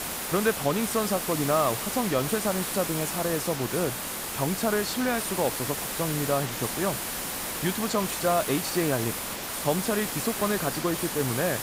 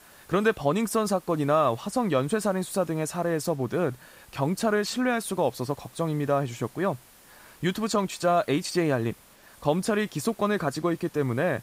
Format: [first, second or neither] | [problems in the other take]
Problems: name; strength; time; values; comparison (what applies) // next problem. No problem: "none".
second | hiss; loud; throughout; 2 dB below the speech; faint in the second